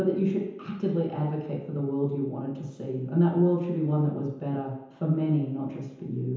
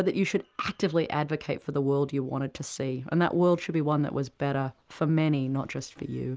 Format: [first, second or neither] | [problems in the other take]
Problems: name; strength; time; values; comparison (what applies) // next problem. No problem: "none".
second | room echo; dies away in 1 s